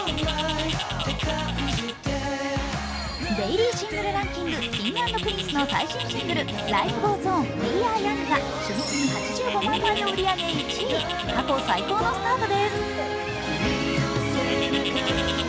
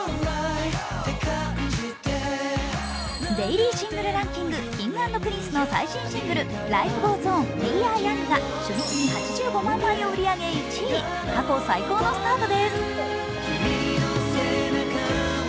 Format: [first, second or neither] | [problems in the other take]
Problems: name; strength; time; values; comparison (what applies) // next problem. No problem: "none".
second | background sound (Bird); 9 dB below the speech